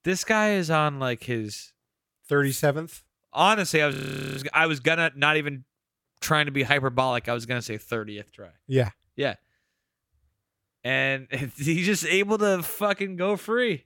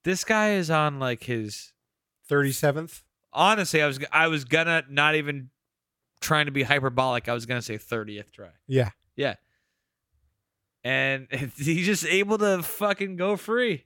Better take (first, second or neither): second